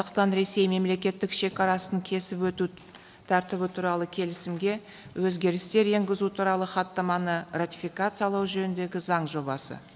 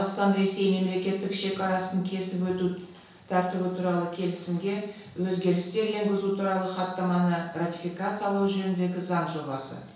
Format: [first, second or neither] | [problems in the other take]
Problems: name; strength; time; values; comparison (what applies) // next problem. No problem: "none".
first | room echo; dies away in 0.7 s